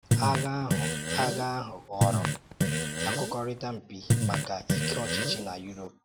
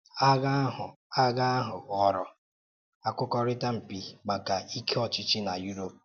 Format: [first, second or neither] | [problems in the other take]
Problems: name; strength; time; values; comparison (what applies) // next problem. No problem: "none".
second | background sound (Fart); 4 dB above the speech